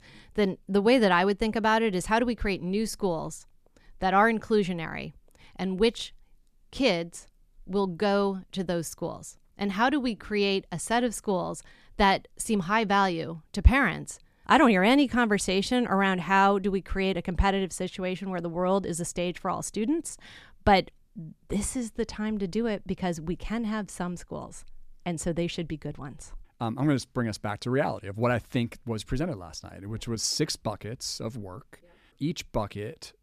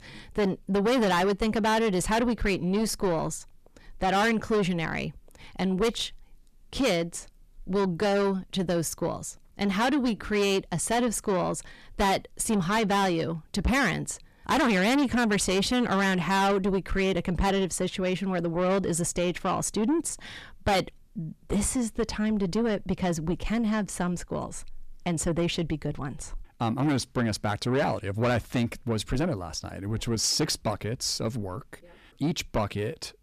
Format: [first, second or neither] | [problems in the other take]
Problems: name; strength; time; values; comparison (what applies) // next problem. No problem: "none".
first | distortion; heavy; 6 dB below the speech